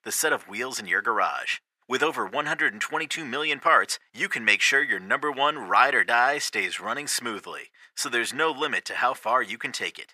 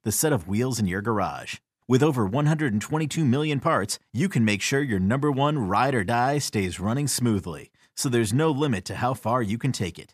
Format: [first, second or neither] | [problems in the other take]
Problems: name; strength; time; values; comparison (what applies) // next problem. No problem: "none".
second | thin; very; fading below 550 Hz